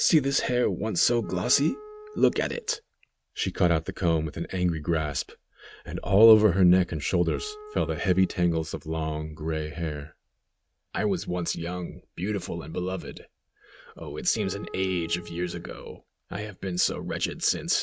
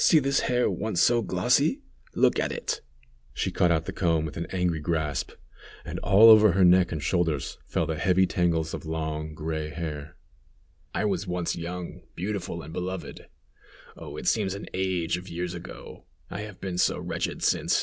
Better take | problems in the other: second | noise reduction (neural mask model RNNoise)

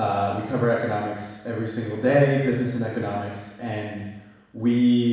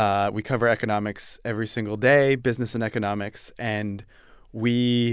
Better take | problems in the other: second | room echo; dies away in 1.1 s

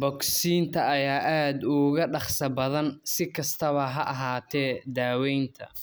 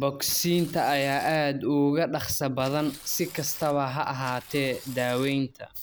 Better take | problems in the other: first | background sound (Tearing); 19 dB below the speech

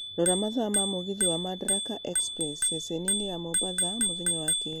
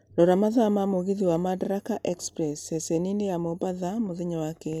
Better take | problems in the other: second | background sound (Bicycle bell); 2 dB above the speech

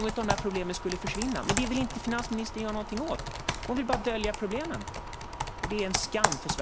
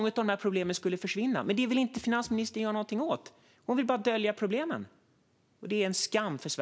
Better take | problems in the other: second | background sound (Computer keyboard); 1 dB below the speech

